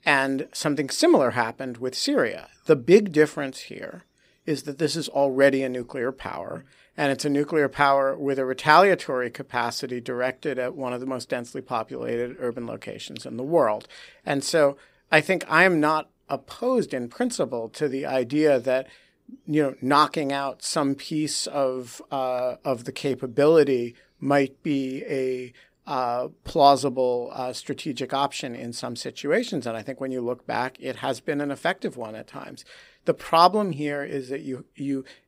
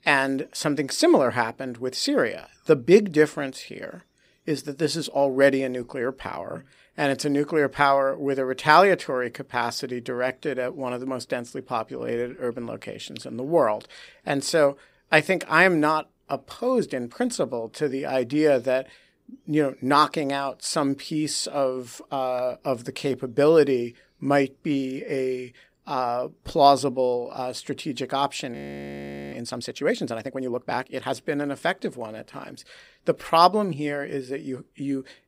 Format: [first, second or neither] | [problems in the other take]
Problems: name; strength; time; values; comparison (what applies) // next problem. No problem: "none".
first | audio freezing; at 29 s for 1 s